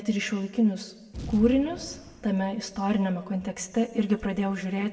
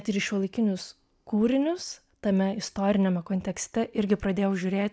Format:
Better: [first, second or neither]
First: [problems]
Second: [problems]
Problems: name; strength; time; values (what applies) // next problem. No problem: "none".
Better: second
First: background sound (Boom); 18 dB below the speech // room echo; dies away in 1 s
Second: none